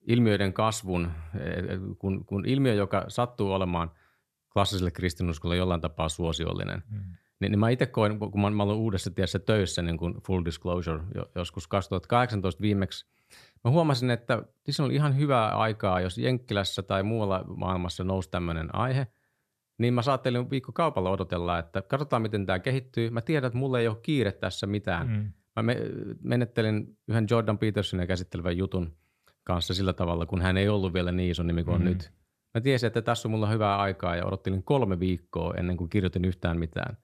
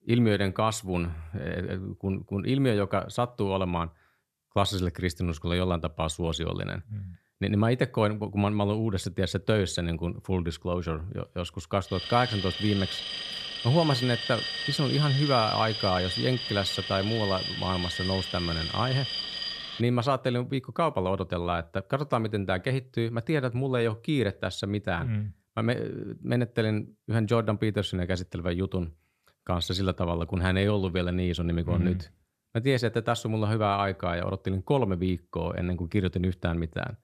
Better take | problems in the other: first | alarm; noticeable; from 12 to 20 s; peak 1 dB below the speech

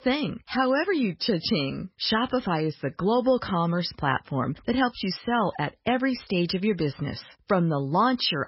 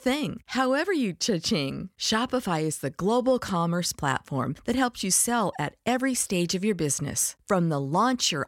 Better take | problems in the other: second | garbled, watery; badly; nothing above 5.5 kHz

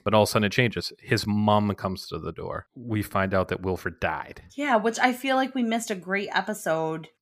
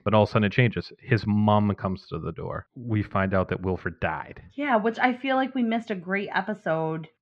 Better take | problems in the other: first | muffled; slightly; fading above 3 kHz

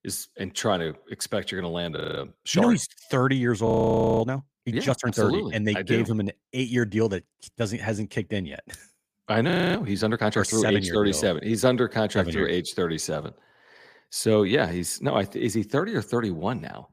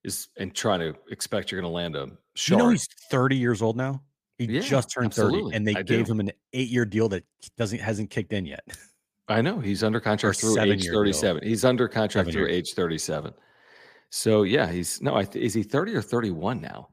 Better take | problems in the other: second | audio freezing; at 2 s, at 3.5 s for 0.5 s and at 9.5 s

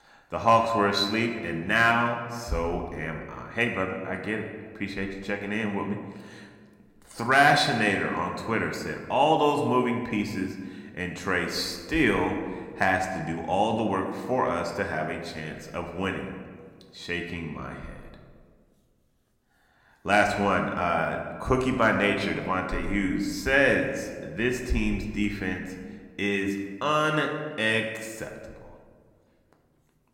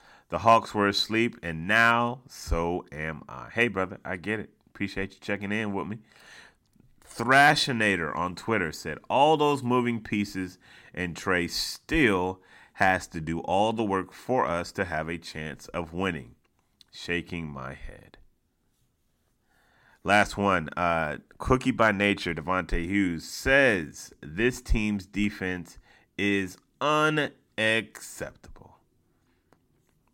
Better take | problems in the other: second | room echo; slight; dies away in 1.2 s

